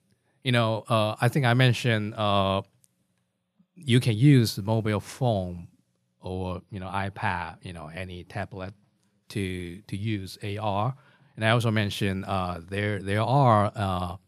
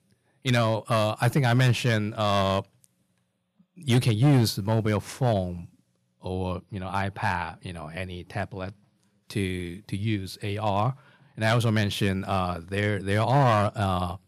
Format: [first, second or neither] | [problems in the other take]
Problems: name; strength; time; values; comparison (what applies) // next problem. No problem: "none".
first | distortion; slight; 3% of the sound clipped